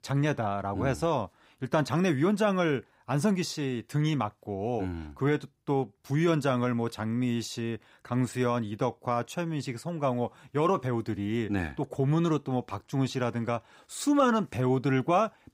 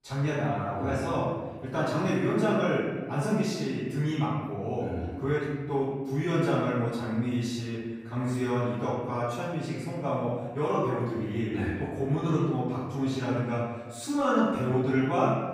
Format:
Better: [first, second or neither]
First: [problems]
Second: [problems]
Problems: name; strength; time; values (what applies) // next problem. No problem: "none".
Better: first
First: none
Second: off-mic speech; far // room echo; strong; dies away in 1.2 s